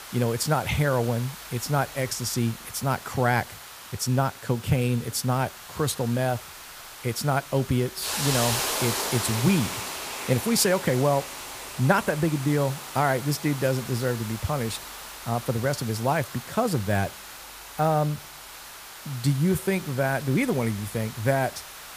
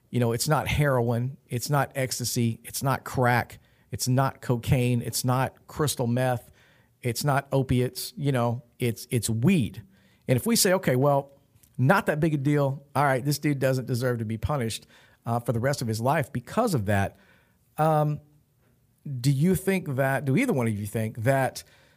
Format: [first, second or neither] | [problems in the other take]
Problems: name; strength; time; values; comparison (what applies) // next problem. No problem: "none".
second | hiss; loud; throughout; 9 dB below the speech